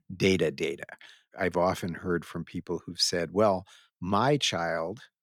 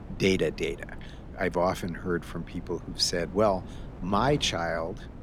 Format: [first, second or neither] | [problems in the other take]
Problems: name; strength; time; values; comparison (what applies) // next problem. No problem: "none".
first | wind noise on the microphone; occasional gusts; 20 dB below the speech